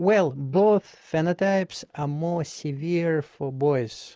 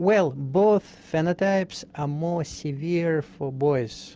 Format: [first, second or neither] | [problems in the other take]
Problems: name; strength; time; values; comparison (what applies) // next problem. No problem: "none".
second | noise reduction (neural mask model Resemble Enhance denoiser)